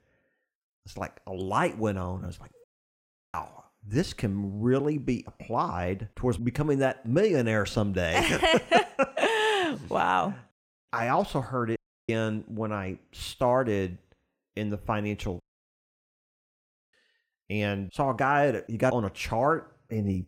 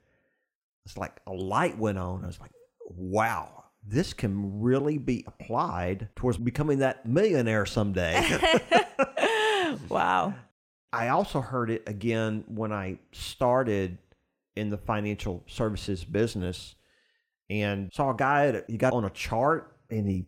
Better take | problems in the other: second | audio cutting out; at 2.5 s for 0.5 s, at 12 s and at 15 s for 1.5 s

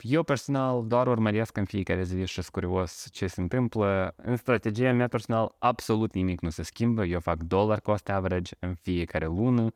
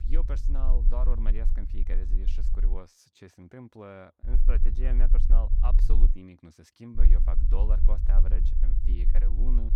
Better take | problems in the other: first | low rumble; loud; until 3 s, from 4 to 6 s and from 7 s on; 6 dB below the speech

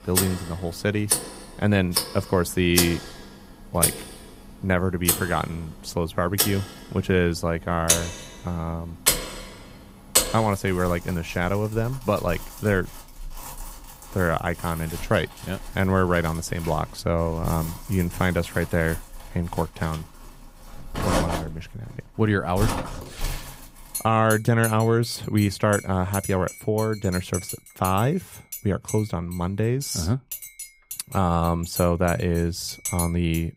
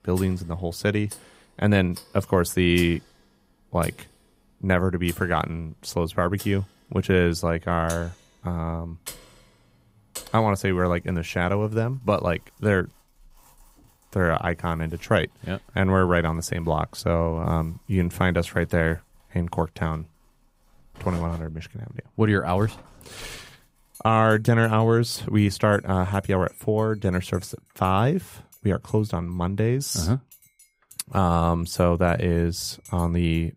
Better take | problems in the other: second | household noises; loud; throughout; 4 dB below the speech; faint in the second

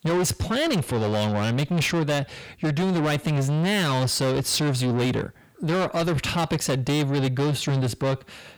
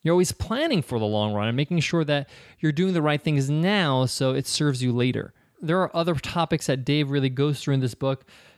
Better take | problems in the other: second | distortion; heavy; 7 dB below the speech

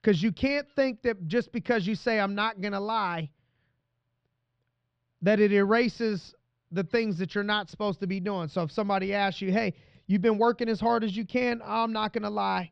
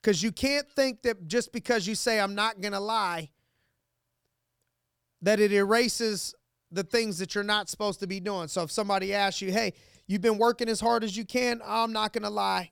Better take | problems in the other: second | muffled; slightly; fading above 3.5 kHz

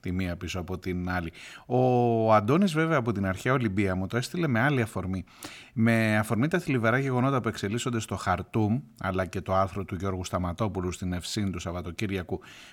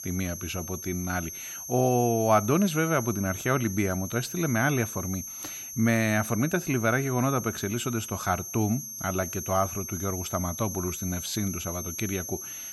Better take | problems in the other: first | high-pitched whine; loud; throughout; 6.5 kHz, 7 dB below the speech

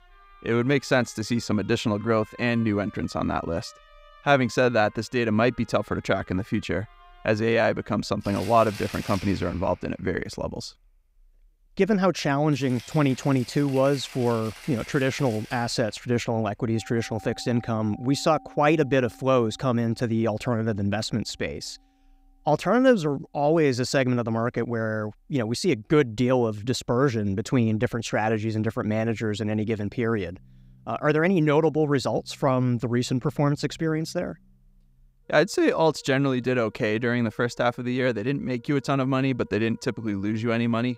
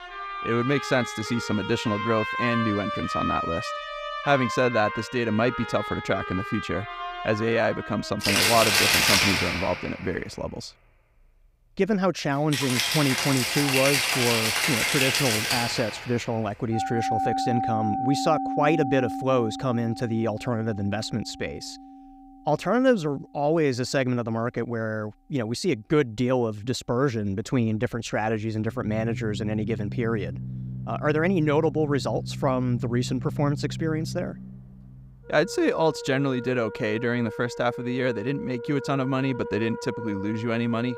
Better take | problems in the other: first | background music; loud; throughout; 2 dB below the speech; faint in the first

